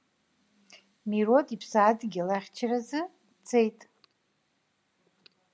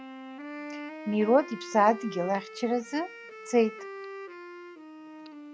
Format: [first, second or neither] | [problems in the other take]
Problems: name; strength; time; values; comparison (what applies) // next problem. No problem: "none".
first | background sound (Wind instrument, woodwind instrument); 12 dB below the speech